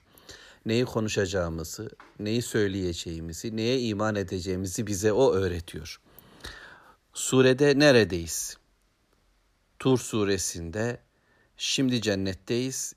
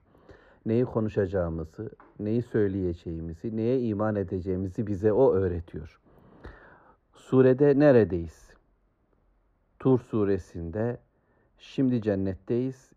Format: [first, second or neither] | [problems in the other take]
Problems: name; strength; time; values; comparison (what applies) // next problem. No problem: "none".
first | muffled; very; fading above 2.5 kHz